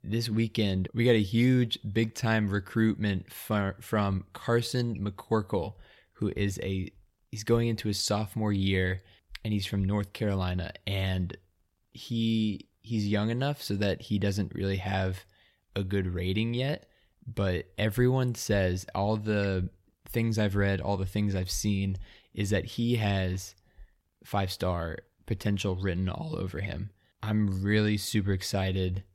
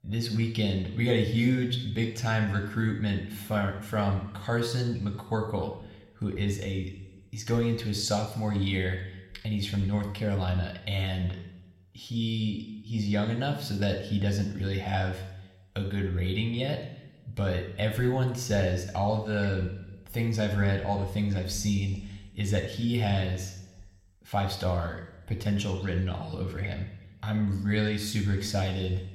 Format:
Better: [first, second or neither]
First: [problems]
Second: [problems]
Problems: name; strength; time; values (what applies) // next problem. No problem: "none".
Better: first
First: none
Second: room echo; slight; dies away in 0.9 s